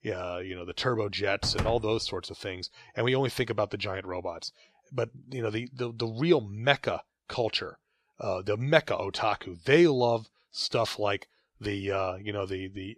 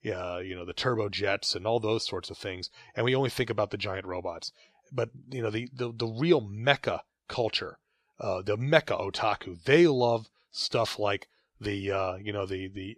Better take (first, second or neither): second